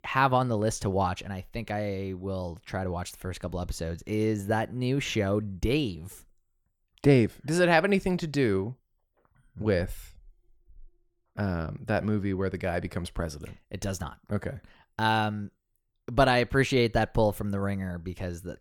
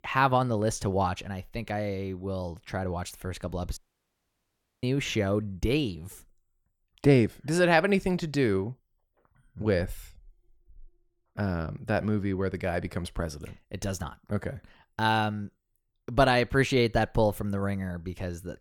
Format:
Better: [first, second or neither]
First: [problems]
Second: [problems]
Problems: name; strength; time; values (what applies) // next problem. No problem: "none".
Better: first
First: none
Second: audio cutting out; at 4 s for 1 s